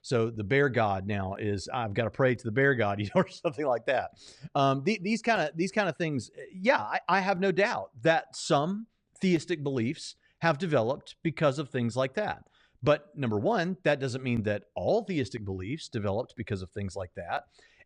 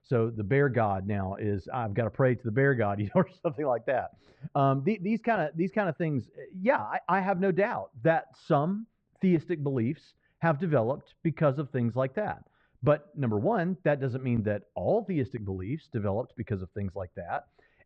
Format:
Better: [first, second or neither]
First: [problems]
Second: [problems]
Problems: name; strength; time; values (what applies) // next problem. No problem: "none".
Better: first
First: none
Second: muffled; very; fading above 1.5 kHz